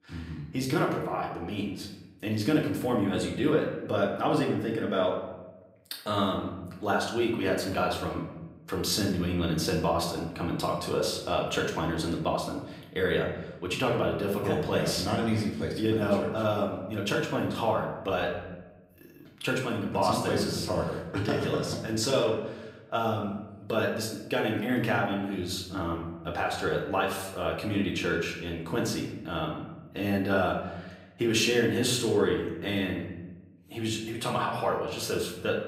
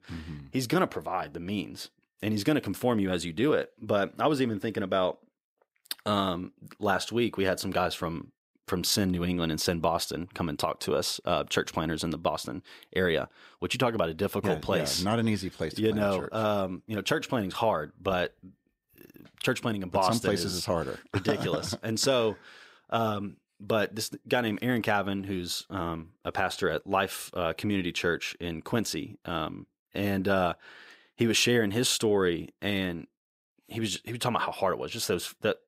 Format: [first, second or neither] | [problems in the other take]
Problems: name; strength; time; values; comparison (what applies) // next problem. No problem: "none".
second | room echo; noticeable; dies away in 0.9 s // off-mic speech; far